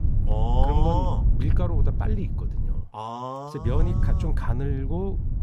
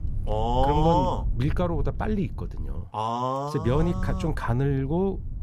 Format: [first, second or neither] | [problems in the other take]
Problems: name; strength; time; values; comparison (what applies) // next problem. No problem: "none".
second | low rumble; loud; until 3 s and from 3.5 s on; 9 dB below the speech; faint in the second